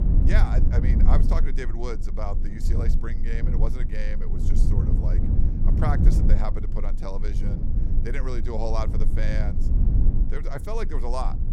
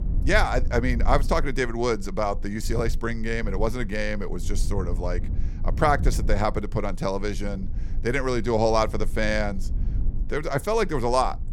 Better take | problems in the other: second | low rumble; loud; throughout; 5 dB below the speech; faint in the second

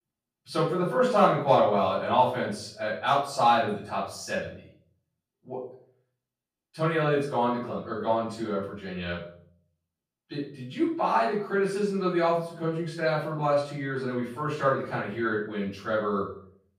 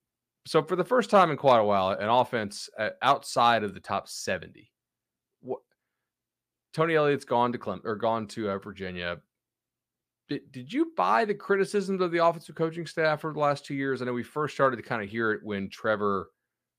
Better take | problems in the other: second | off-mic speech; far // room echo; noticeable; dies away in 0.5 s

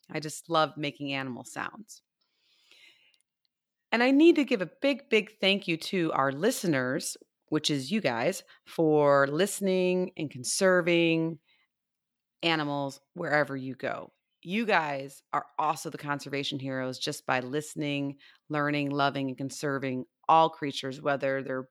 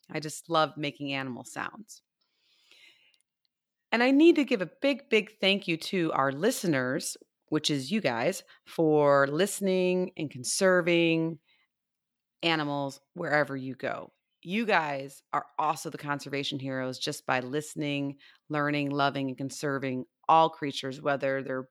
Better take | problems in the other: neither | none

